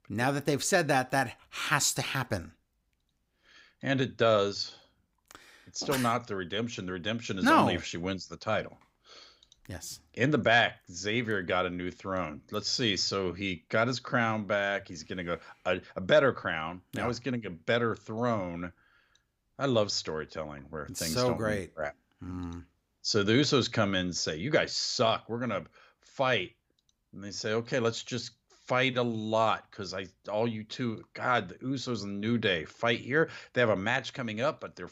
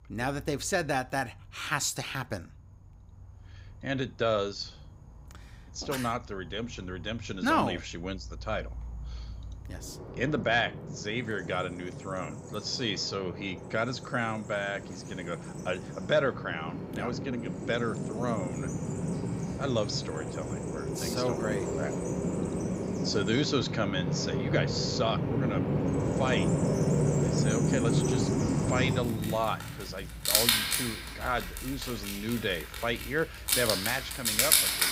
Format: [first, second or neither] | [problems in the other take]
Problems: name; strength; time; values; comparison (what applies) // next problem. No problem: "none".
first | animal sounds; very loud; throughout; 2 dB above the speech